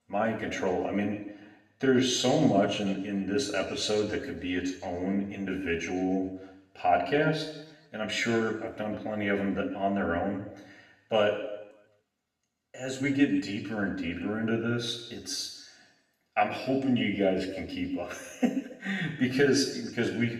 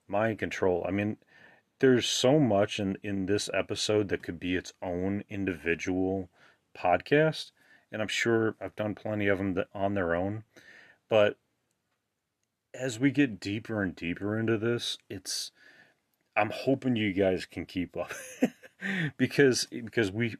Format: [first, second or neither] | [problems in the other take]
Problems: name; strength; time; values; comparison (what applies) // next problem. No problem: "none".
second | room echo; noticeable; dies away in 0.9 s // off-mic speech; far